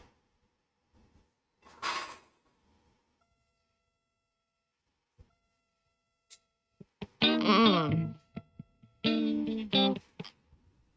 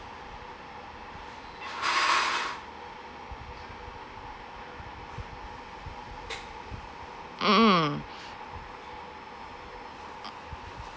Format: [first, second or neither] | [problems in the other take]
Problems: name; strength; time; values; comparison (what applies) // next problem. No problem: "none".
second | noise reduction (neural mask model RNNoise)